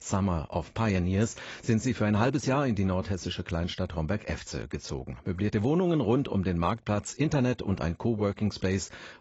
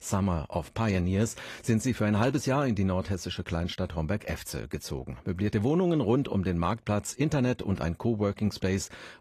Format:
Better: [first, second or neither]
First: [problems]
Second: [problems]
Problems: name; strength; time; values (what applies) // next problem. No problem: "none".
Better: second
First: garbled, watery; badly; nothing above 7.5 kHz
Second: garbled, watery; slightly; nothing above 14 kHz